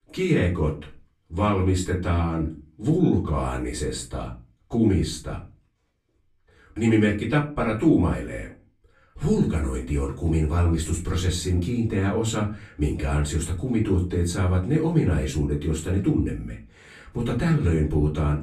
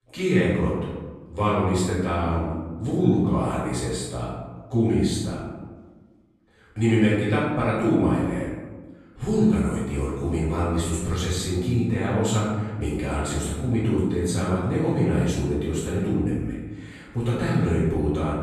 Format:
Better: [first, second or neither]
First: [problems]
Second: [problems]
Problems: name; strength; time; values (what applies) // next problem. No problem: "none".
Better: first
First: room echo; slight; dies away in 0.3 s // off-mic speech; far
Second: room echo; strong; dies away in 1.2 s // off-mic speech; far